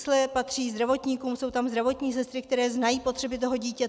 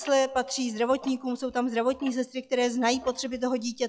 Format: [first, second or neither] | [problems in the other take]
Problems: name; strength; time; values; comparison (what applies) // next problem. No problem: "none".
first | noise reduction (classical method log-MMSE)